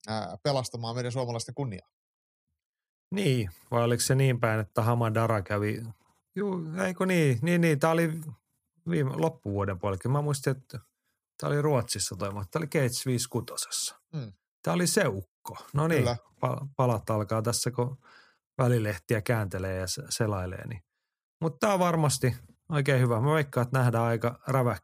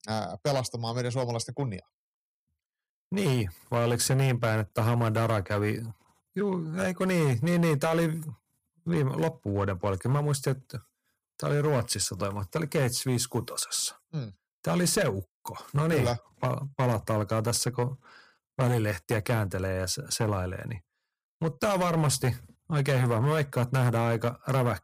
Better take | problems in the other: first | distortion; slight; 6% of the sound clipped

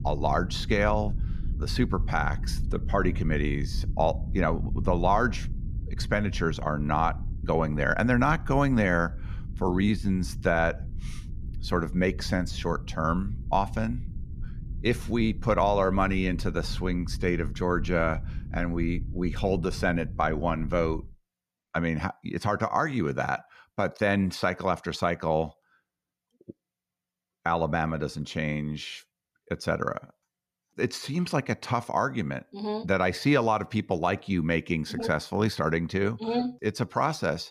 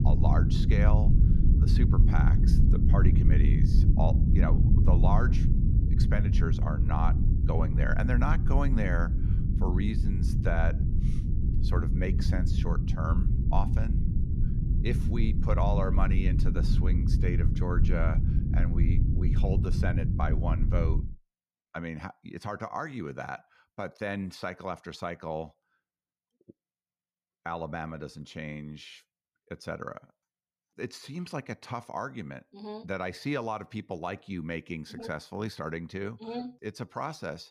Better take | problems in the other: first | low rumble; loud; until 21 s; 3 dB below the speech; faint in the first

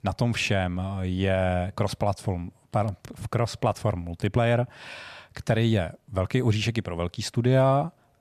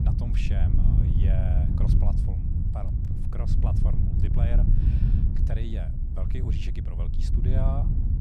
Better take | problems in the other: first | wind noise on the microphone; heavy; 2 dB above the speech

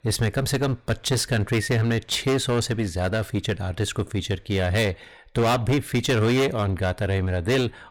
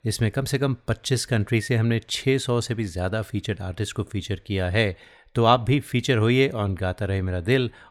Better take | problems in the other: second | distortion; heavy; 17% of the sound clipped

